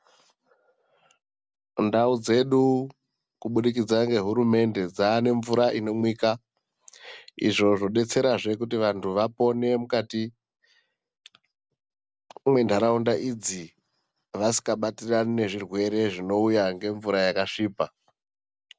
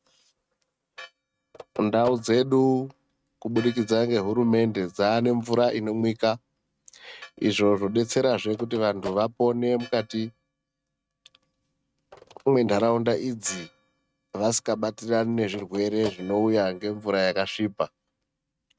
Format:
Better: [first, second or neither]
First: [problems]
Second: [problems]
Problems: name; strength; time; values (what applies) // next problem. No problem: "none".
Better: first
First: none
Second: noise reduction (neural mask model RNNoise)